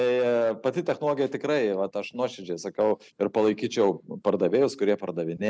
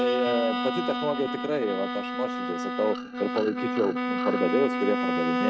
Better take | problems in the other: first | noise reduction (neural mask model RNNoise)

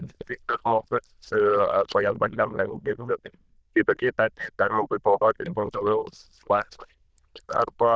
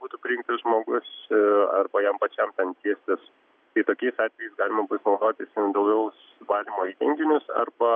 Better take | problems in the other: second | noise reduction (neural diffusion model UNIVERSE++)

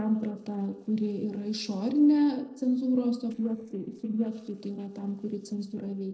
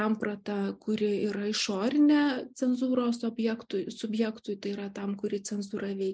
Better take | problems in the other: second | noise reduction (neural separator model SepFormer DNS4)

